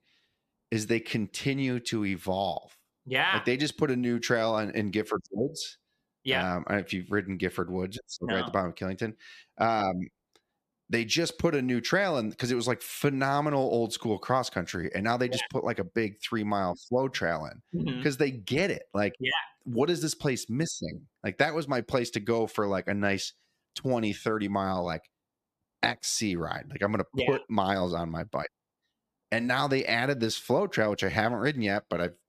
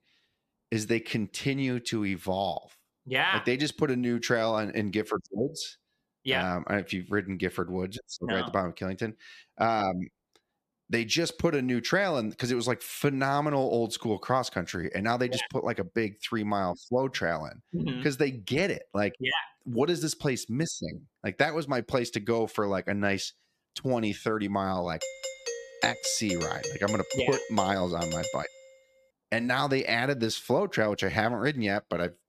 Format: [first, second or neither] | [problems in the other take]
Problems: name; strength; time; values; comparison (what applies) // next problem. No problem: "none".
first | doorbell; noticeable; from 25 to 28 s; peak 4 dB below the speech